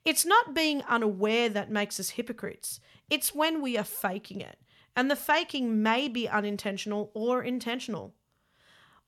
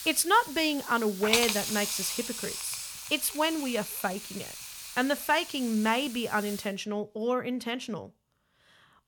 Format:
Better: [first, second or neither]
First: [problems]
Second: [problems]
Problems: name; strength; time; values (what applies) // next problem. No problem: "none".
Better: first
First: none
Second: hiss; loud; until 6.5 s; 5 dB below the speech